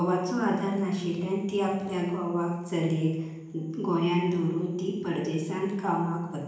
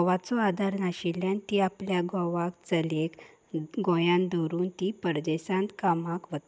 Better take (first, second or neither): second